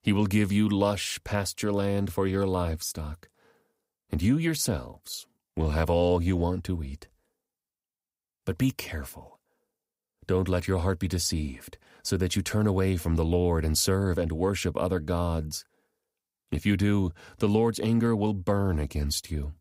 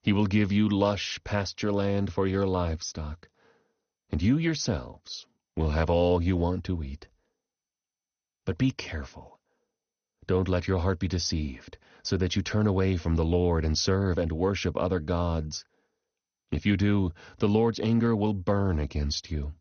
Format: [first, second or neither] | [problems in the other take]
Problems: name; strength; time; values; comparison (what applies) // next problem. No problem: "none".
first | garbled, watery; slightly; nothing above 6.5 kHz